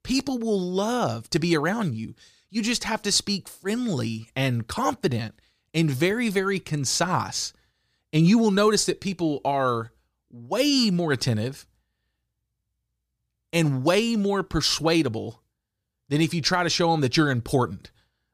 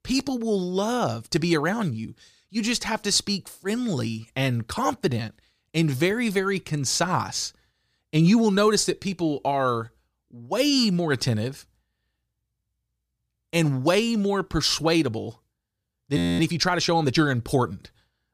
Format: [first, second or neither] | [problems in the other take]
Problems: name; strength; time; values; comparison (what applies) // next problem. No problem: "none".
first | audio freezing; at 16 s